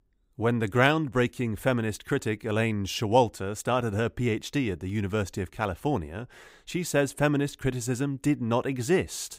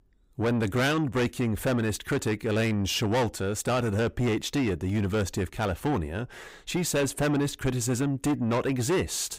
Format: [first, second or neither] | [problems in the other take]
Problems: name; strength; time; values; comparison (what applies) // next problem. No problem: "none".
first | distortion; heavy; 6 dB below the speech